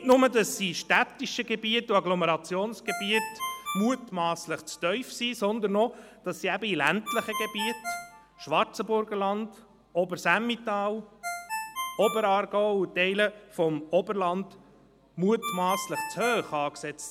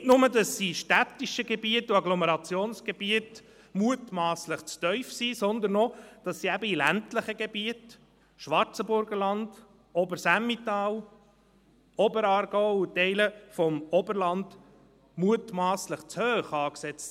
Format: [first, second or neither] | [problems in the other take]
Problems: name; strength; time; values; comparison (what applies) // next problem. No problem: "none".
second | background sound (Ringtone); 12 dB below the speech